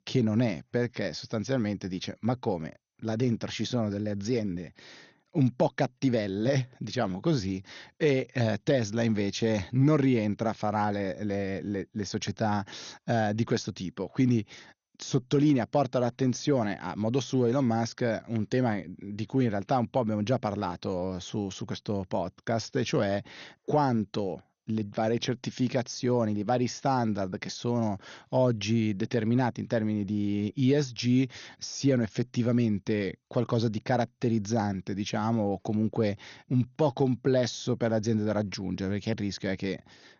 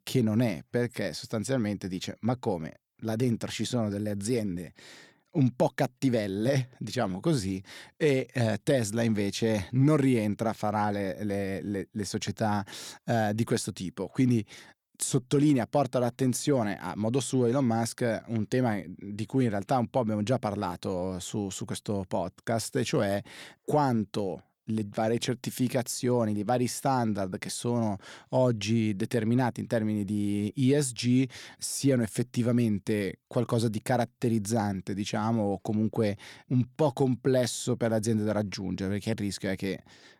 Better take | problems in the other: second | garbled, watery; slightly; nothing above 6.5 kHz

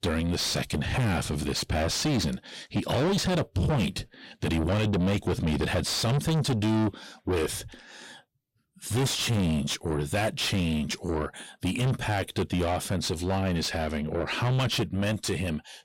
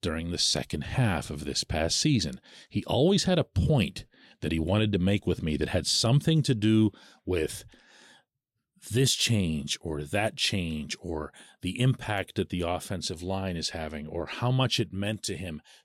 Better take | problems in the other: second | distortion; heavy; 6 dB below the speech

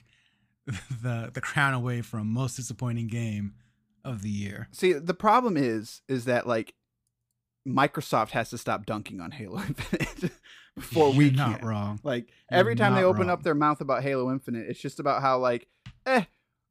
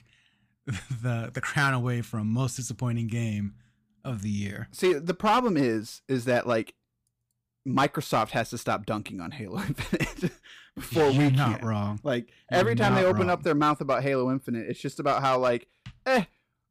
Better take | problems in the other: first | distortion; slight; 4% of the sound clipped

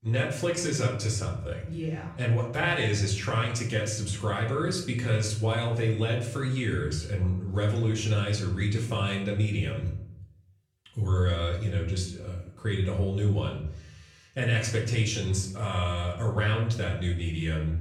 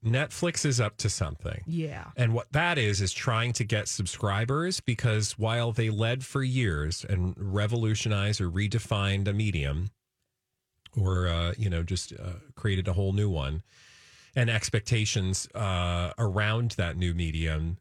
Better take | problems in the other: second | off-mic speech; far // room echo; slight; dies away in 0.6 s

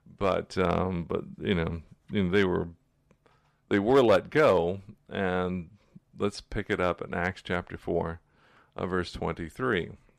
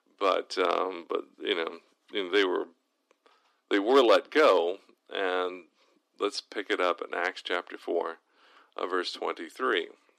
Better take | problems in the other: first | thin; somewhat; fading below 300 Hz

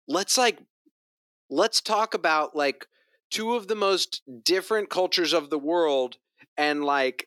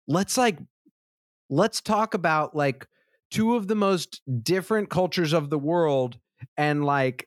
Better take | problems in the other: second | thin; somewhat; fading below 300 Hz

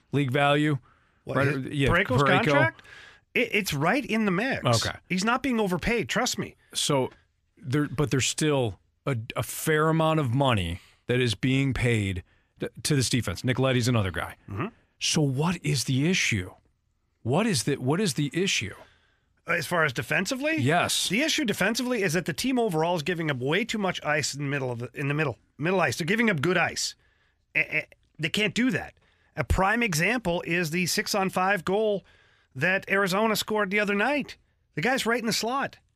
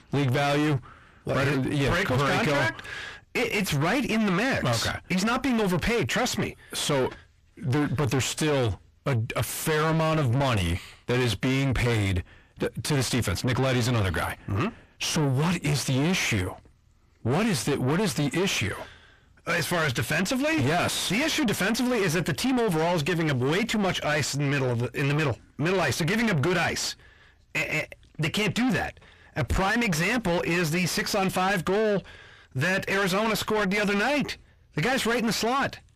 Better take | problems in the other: first | distortion; heavy; 5 dB below the speech

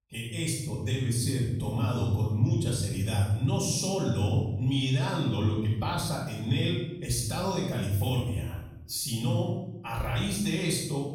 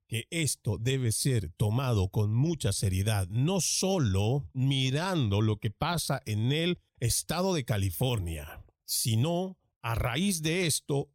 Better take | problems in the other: second | off-mic speech; far // room echo; noticeable; dies away in 0.8 s

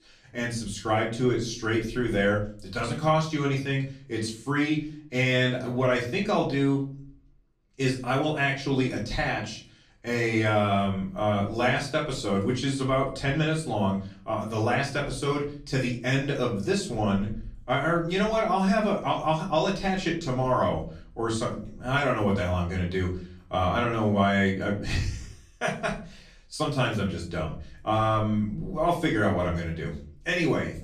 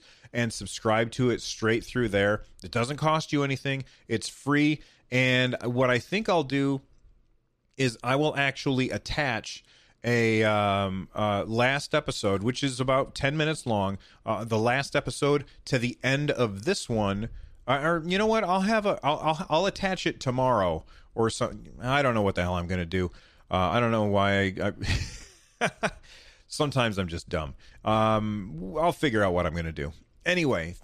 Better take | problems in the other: second | off-mic speech; far // room echo; slight; dies away in 0.4 s

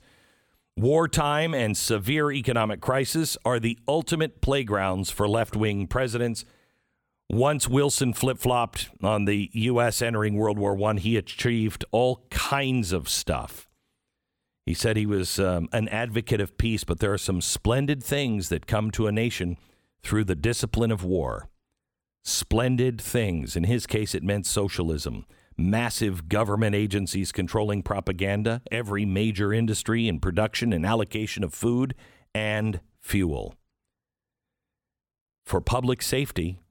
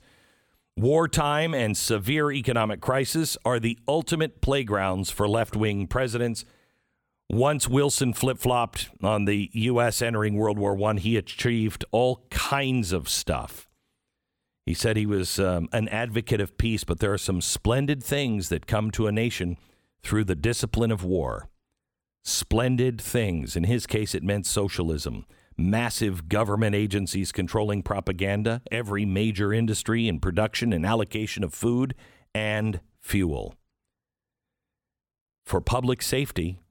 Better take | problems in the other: neither | none

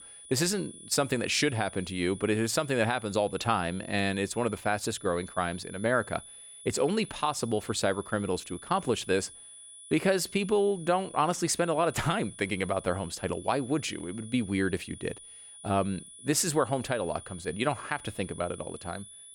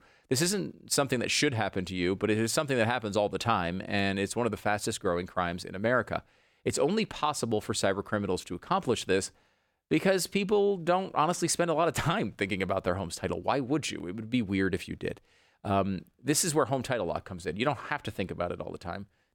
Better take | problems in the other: second | high-pitched whine; noticeable; throughout; 10 kHz, 15 dB below the speech

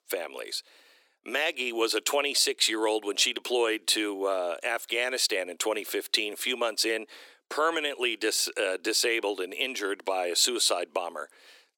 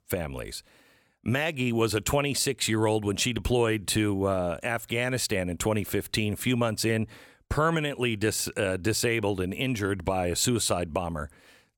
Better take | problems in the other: second | thin; very; fading below 350 Hz

